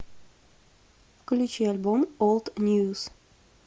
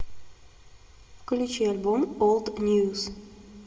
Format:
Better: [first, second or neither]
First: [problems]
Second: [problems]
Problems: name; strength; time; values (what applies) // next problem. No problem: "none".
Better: first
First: none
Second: room echo; dies away in 1.5 s